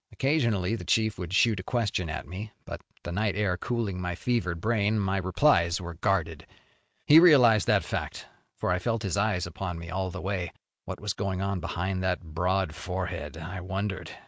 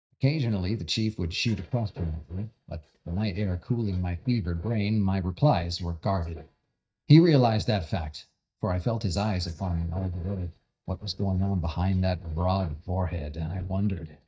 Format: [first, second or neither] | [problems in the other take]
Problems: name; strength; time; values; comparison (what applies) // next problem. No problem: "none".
first | noise reduction (neural mask model DeepFilterNet 3)